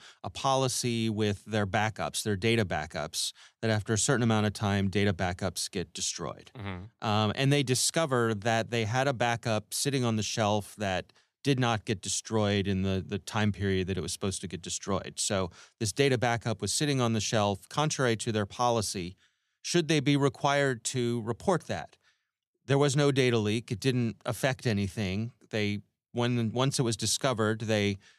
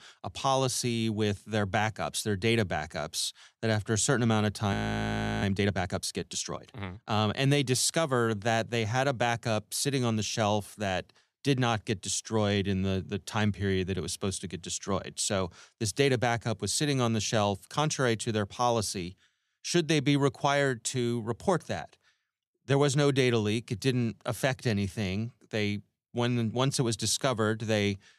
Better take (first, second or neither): first